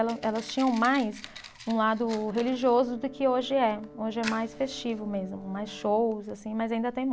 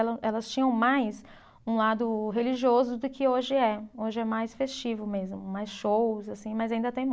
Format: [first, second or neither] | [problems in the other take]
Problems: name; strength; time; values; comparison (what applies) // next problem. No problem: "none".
second | background sound (Brass instrument + Fire); 17 dB below the speech